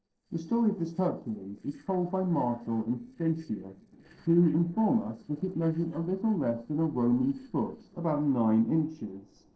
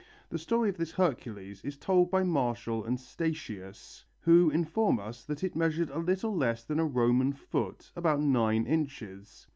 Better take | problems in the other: second | noise reduction (neural separator model SepFormer DNS4)

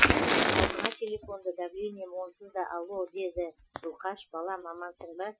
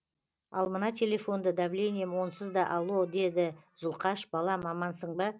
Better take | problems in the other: second | noise reduction (classical method Wiener filter)

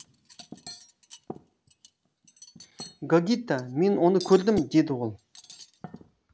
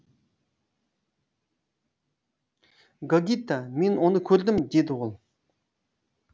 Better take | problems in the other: second | background sound (Cutlery, silverware); 20 dB below the speech

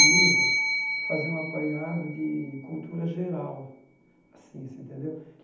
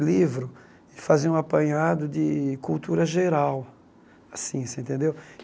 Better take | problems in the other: second | background sound (Bell); 5 dB above the speech // room echo; dies away in 0.8 s

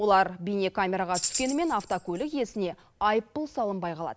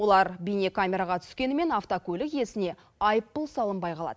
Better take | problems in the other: second | background sound (Tambourine); 10 dB below the speech

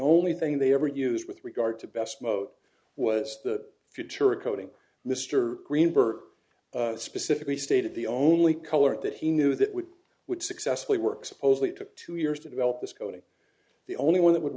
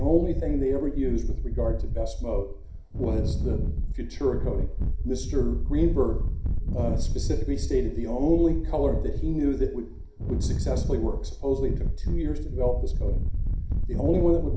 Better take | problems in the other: first | background sound (Wind); 3 dB above the speech // room echo; dies away in 0.5 s

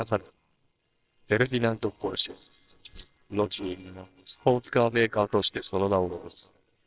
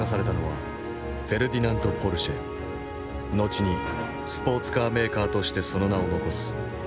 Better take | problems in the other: second | noise reduction (neural separator model SepFormer WHAMR!)

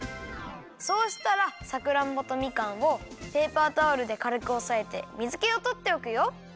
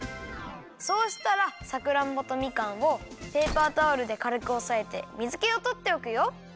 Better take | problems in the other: first | background sound (Gunshot, gunfire); 15 dB below the speech

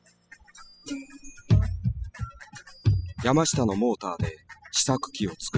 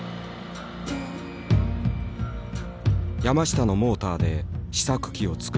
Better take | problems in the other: second | noise reduction (classical method spectral subtraction)

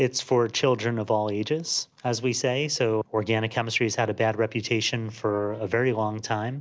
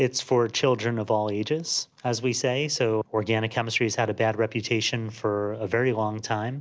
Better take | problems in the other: second | noise reduction (neural mask model Resemble Enhance denoiser)

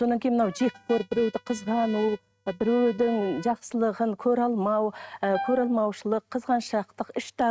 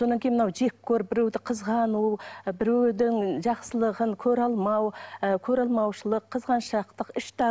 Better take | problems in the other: second | noise reduction (neural mask model RNNoise)

